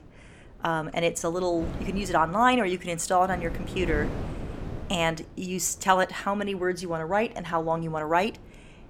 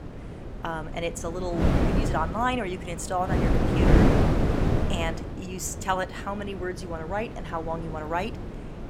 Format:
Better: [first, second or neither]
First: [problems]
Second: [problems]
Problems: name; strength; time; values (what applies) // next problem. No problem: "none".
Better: first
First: wind noise on the microphone; occasional gusts; 15 dB below the speech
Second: wind noise on the microphone; heavy; as loud as the speech